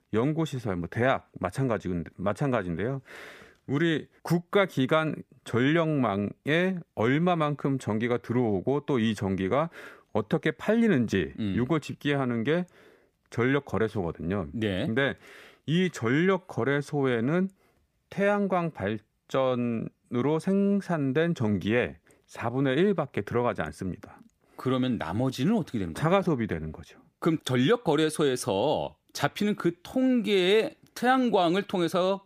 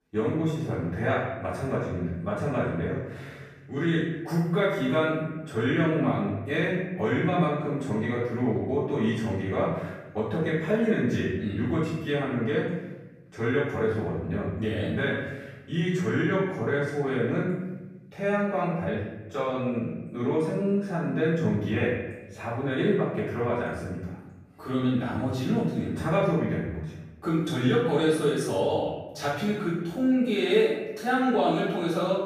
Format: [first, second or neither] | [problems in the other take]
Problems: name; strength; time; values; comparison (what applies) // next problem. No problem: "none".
first | off-mic speech; far // room echo; strong; dies away in 1 s